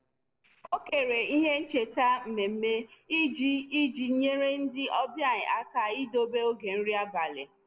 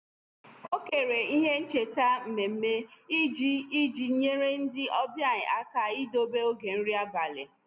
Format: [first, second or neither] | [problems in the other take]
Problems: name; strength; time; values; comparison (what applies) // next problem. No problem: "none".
second | noise reduction (neural separator model SepFormer DNS4)